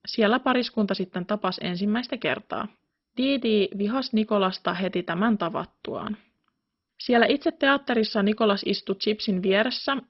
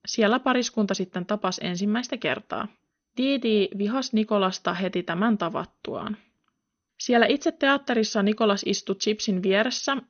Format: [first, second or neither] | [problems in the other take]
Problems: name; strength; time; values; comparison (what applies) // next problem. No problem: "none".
second | garbled, watery; badly; nothing above 5.5 kHz; slightly in the second